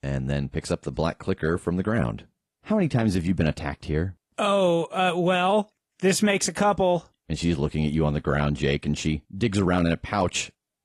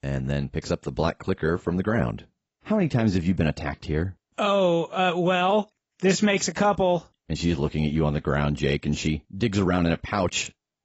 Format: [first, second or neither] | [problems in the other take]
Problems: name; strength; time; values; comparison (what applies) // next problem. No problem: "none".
first | garbled, watery; badly; nothing above 7.5 kHz; slightly in the first